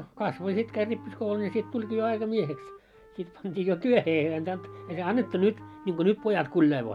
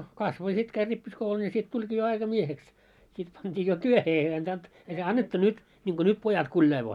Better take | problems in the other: second | background sound (Wind instrument, woodwind instrument + Bowed string instrument); 18 dB below the speech

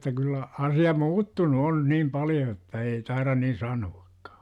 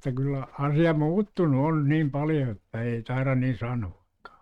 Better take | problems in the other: first | noise reduction (neural mask model RNNoise)

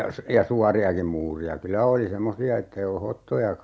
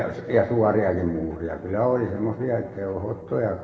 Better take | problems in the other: first | background sound (Bowed string instrument); 19 dB below the speech // room echo; dies away in 1.1 s

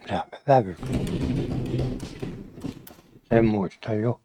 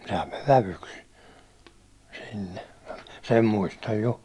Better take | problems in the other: second | noise reduction (neural mask model RNNoise)

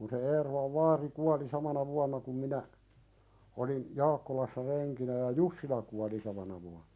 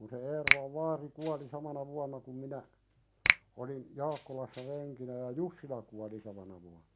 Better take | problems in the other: first | background sound (Rattle (instrument) + Finger snapping); 4 dB above the speech

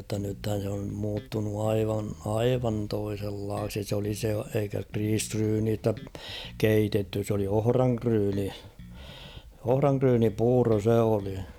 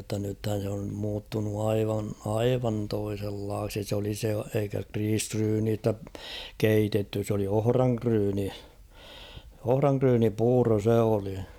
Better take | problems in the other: second | background sound (Bass guitar); 20 dB below the speech

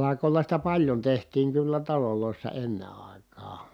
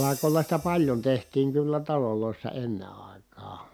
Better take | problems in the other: first | background sound (Crash cymbal); 20 dB below the speech

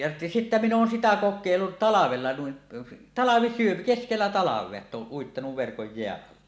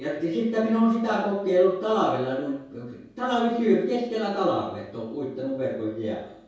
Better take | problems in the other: first | room echo; dies away in 0.6 s

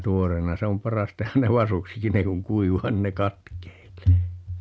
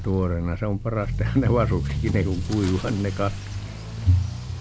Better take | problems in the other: first | background sound (Accelerating, revving, vroom / Motor vehicle (road)); 5 dB below the speech

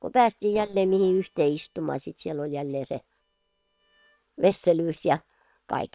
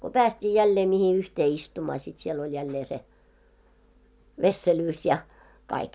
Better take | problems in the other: second | noise reduction (neural separator model SepFormer WHAM!)

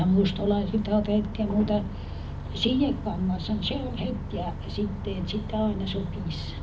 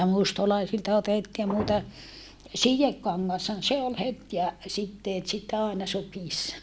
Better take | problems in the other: second | background sound (Bus); 7 dB below the speech // room echo; dies away in 0.4 s

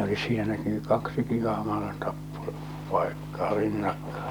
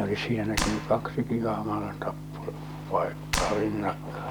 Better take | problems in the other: first | background sound (Clapping); 4 dB below the speech

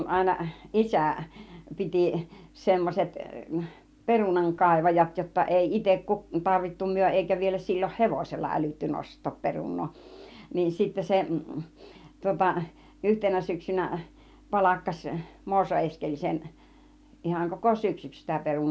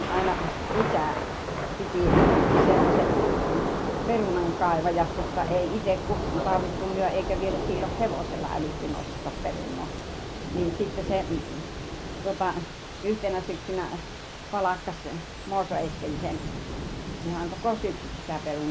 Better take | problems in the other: first | background sound (Thunder / Rain); 1 dB above the speech

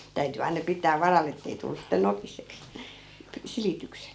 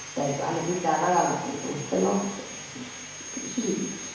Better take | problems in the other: first | background sound (Sawing); 10 dB below the speech // room echo; dies away in 1.1 s

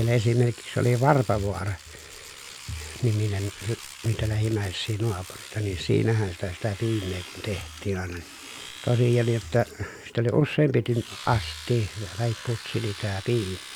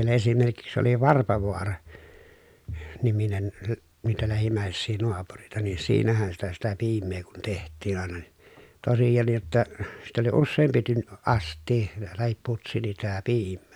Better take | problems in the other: second | background sound (Domestic sounds, home sounds); 17 dB below the speech

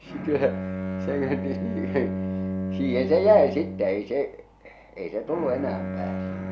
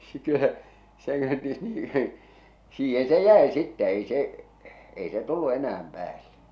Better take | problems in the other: second | background sound (Bowed string instrument); 5 dB below the speech

